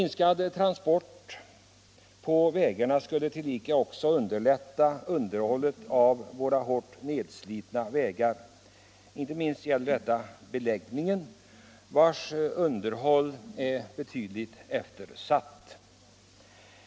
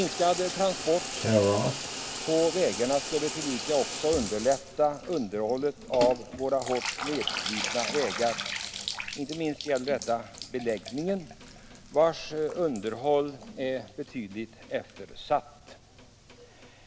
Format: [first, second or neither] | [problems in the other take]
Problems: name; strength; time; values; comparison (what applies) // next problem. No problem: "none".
first | background sound (Bathtub (filling or washing) / Water tap, faucet); 5 dB below the speech